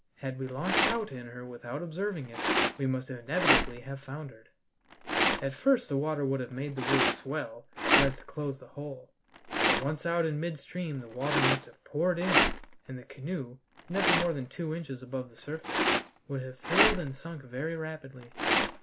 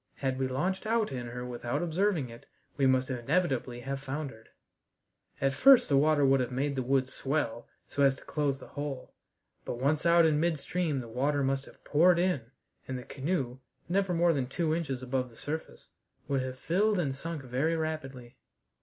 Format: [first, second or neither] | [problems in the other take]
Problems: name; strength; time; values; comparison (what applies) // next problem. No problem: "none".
second | background sound (Rattle); 1 dB above the speech